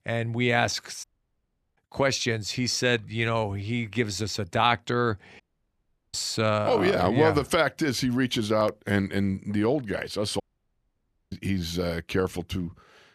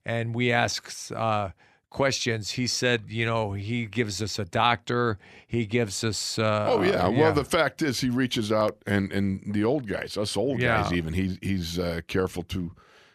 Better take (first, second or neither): second